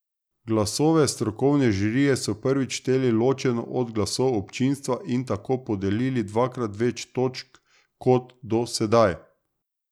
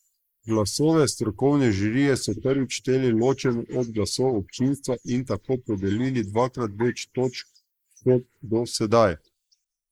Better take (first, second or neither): first